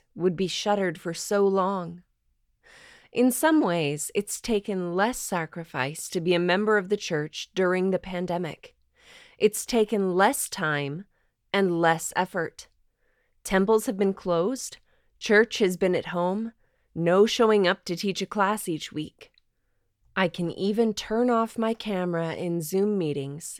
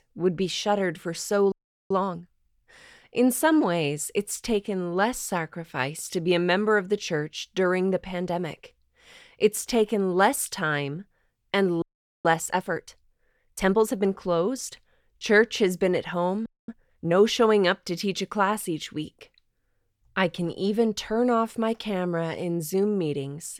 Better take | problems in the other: first | audio freezing; at 1.5 s, at 12 s and at 16 s

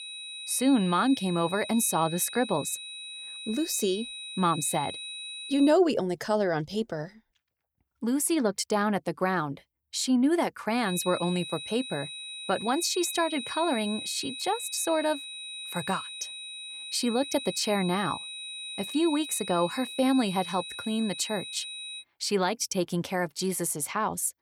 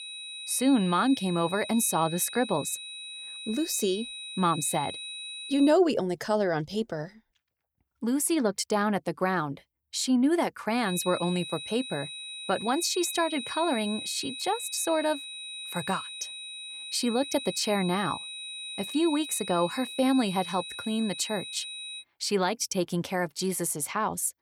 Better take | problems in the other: neither | high-pitched whine; loud; until 5.5 s and from 11 to 22 s; 4 kHz, 9 dB below the speech; the same in both

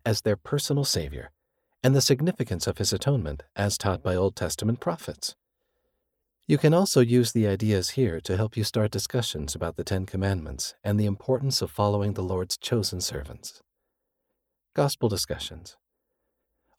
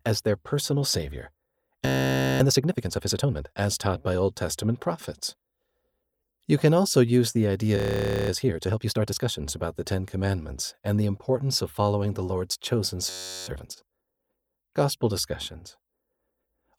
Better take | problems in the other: first | audio freezing; at 2 s for 0.5 s, at 8 s for 0.5 s and at 13 s

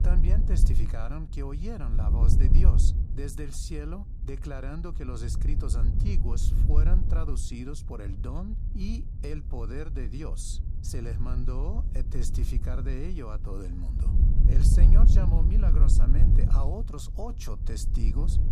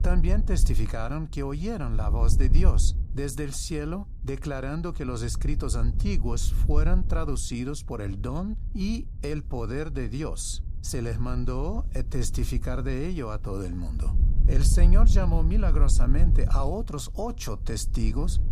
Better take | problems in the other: second | wind noise on the microphone; heavy; 3 dB below the speech; occasional gusts in the second

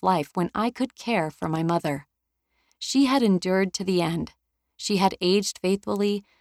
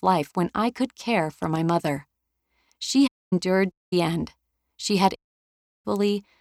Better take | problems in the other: first | audio cutting out; at 3 s, at 3.5 s and at 5 s for 0.5 s

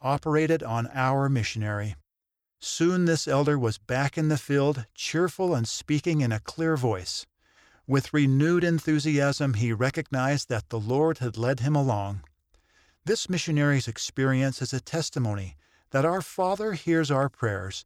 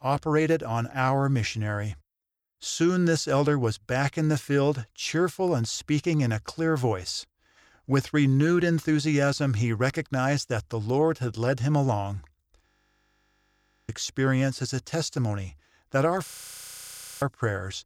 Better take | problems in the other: first | audio freezing; at 13 s for 1 s and at 16 s for 1 s

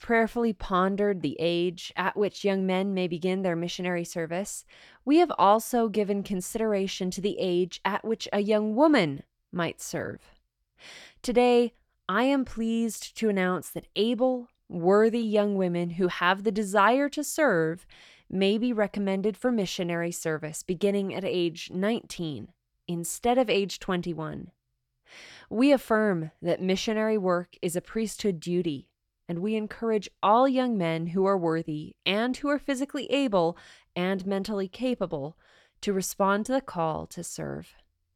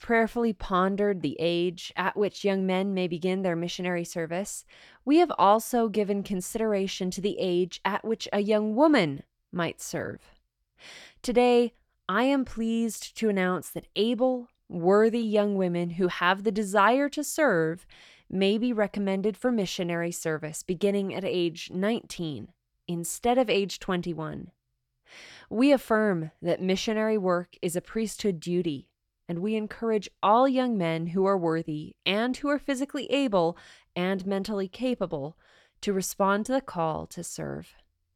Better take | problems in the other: neither | none

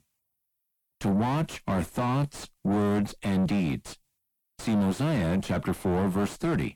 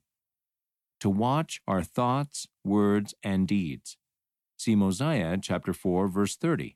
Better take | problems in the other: second | distortion; heavy; 5 dB below the speech

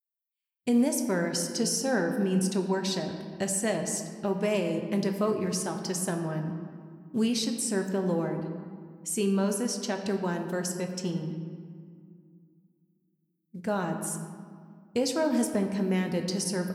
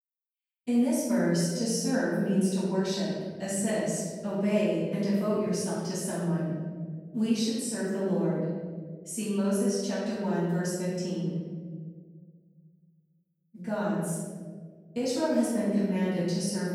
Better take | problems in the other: first | room echo; strong; dies away in 2 s; slight in the first // off-mic speech; far

